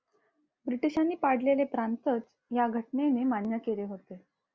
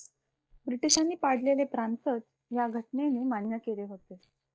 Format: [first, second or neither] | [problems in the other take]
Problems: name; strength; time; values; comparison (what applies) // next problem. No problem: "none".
first | noise reduction (neural mask model DeepFilterNet 3)